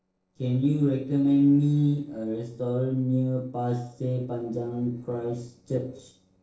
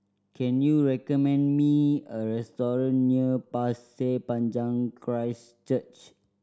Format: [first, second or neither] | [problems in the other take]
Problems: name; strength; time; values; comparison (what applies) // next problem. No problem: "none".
second | noise reduction (neural separator model SepFormer DNS4)